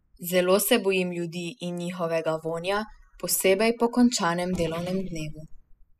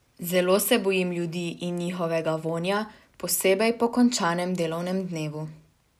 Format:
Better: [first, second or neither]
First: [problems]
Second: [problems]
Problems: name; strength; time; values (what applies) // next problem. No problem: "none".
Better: second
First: noise reduction (classical method spectral subtraction)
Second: none